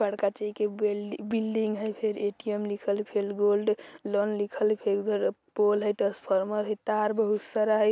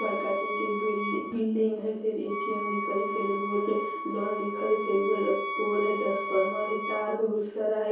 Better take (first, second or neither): first